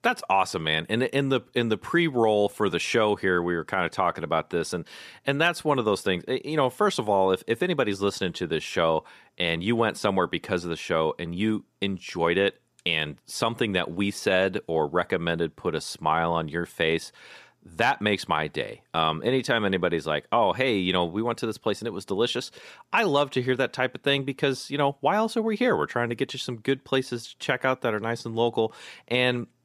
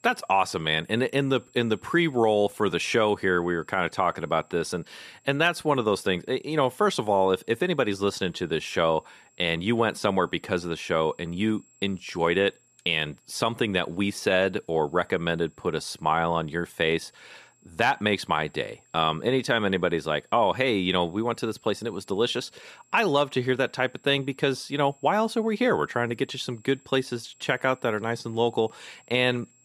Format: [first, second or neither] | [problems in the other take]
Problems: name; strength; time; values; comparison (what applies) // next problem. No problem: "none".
first | high-pitched whine; faint; throughout; 7.5 kHz, 35 dB below the speech